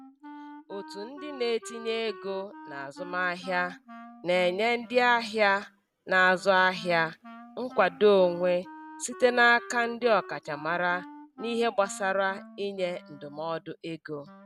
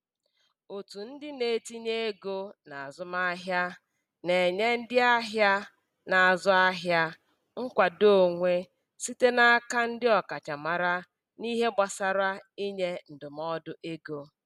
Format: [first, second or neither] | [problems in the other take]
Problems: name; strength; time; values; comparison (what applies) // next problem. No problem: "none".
second | background sound (Wind instrument, woodwind instrument); 19 dB below the speech